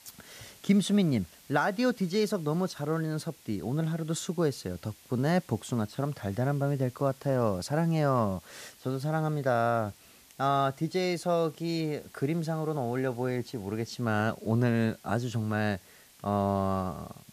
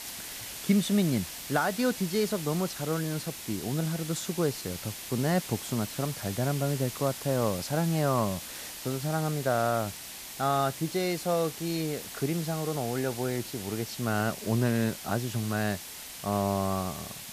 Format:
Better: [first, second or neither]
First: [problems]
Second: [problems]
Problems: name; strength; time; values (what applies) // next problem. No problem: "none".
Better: first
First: hiss; faint; throughout; 25 dB below the speech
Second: hiss; loud; throughout; 8 dB below the speech